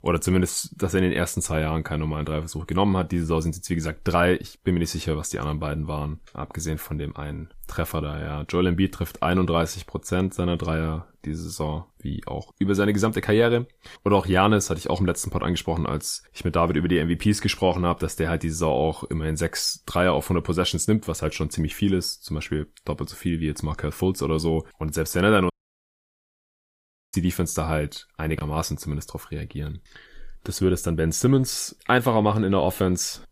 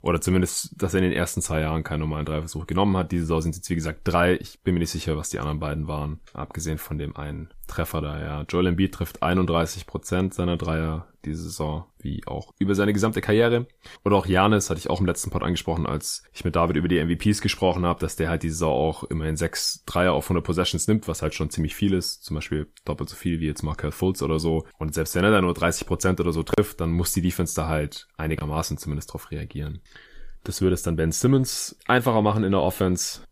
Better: second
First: audio cutting out; at 26 s for 1.5 s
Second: none

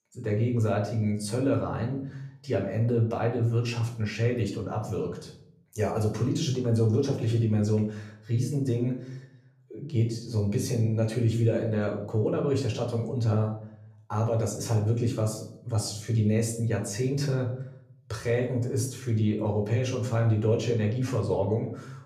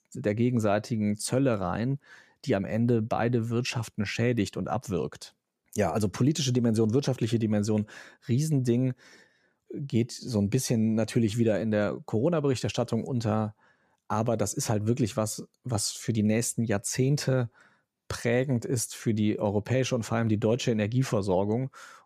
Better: second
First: off-mic speech; far // room echo; slight; dies away in 0.6 s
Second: none

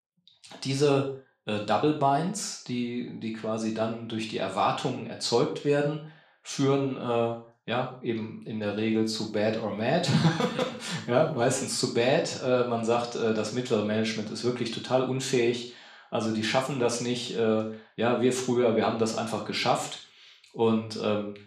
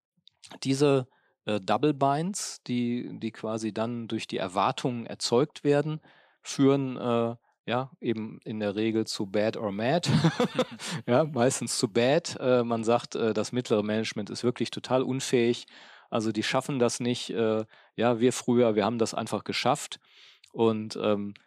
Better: second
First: room echo; noticeable; dies away in 0.4 s // off-mic speech; somewhat distant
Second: none

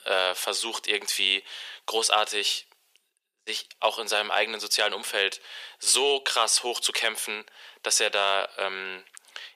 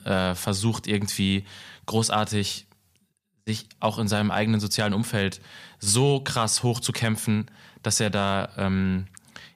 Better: second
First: thin; very; fading below 400 Hz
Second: none

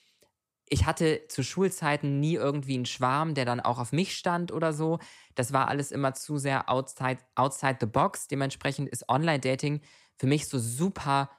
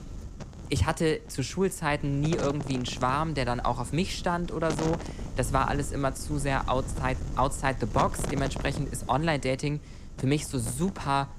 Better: first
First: none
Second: wind noise on the microphone; occasional gusts; 15 dB below the speech

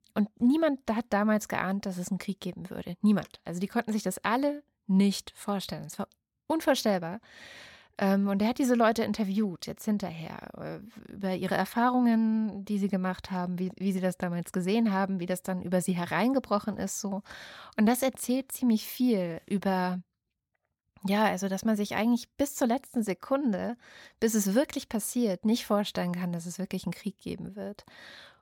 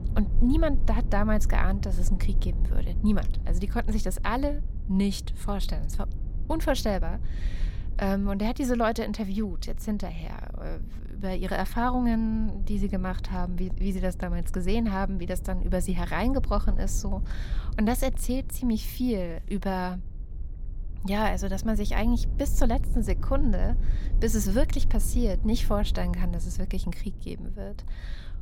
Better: first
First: none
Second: low rumble; noticeable; throughout; 20 dB below the speech

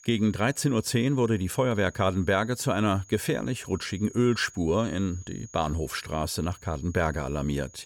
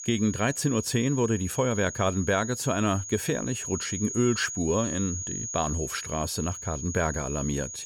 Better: first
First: high-pitched whine; faint; throughout; 6.5 kHz, 25 dB below the speech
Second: high-pitched whine; loud; throughout; 6.5 kHz, 7 dB below the speech

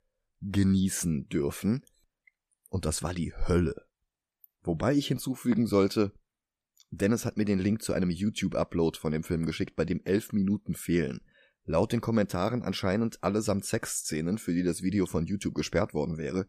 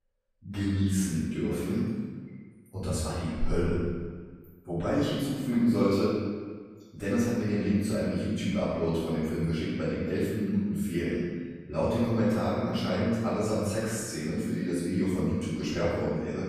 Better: first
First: none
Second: off-mic speech; far // room echo; strong; dies away in 1.4 s

